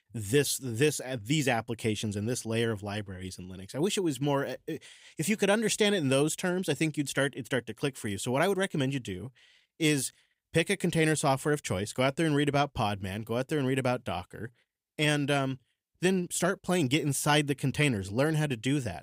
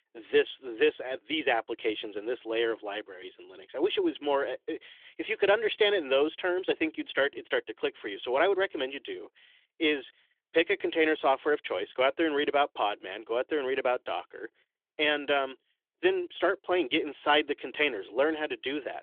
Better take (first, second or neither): first